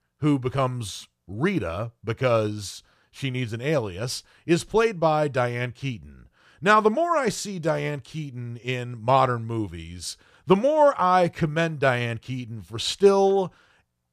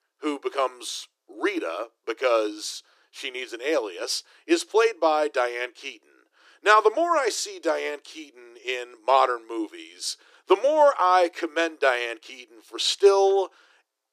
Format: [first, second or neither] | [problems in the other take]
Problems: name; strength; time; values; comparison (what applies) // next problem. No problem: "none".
first | thin; very; fading below 300 Hz